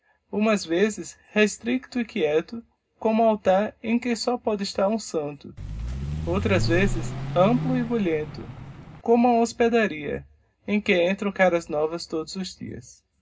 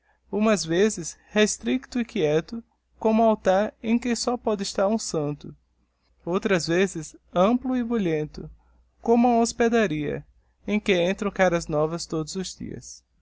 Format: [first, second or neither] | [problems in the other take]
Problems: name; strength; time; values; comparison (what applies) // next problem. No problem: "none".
second | background sound (Vehicle); 4 dB below the speech // room echo; dies away in 0.2 s